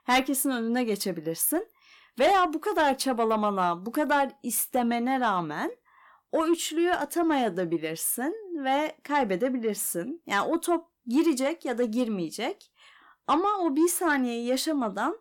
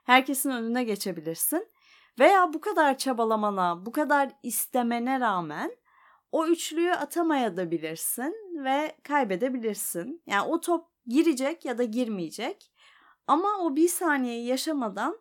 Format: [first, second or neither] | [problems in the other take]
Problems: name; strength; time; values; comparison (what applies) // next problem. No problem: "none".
second | distortion; slight; 10 dB below the speech